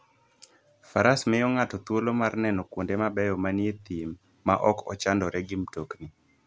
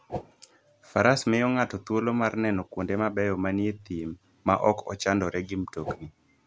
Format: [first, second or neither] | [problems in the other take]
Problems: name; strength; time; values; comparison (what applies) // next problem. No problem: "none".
first | background sound (Whoosh, swoosh, swish); 10 dB below the speech